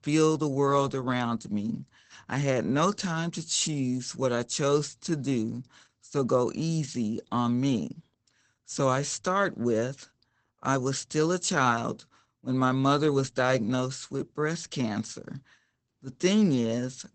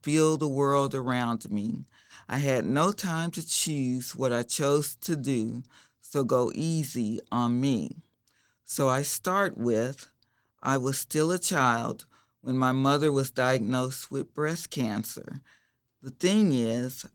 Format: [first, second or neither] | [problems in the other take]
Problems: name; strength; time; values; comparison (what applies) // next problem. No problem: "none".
second | garbled, watery; badly; nothing above 8 kHz; slightly in the second